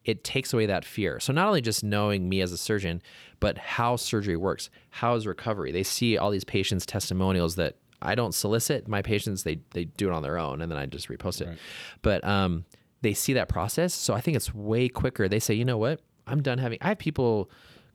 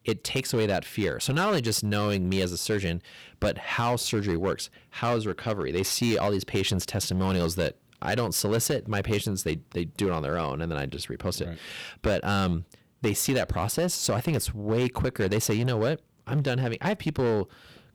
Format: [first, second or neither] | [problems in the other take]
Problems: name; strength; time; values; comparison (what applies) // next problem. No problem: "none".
first | distortion; slight; 8% of the sound clipped